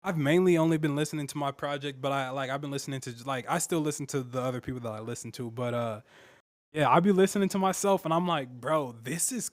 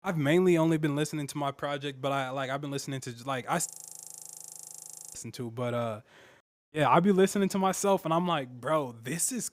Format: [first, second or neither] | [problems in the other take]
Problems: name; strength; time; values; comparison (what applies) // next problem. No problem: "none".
first | audio freezing; at 3.5 s for 1.5 s